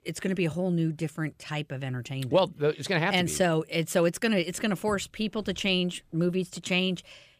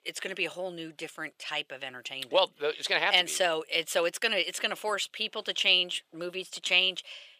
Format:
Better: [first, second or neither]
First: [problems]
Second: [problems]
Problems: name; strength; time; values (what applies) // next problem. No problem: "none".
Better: first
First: none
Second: thin; very; fading below 600 Hz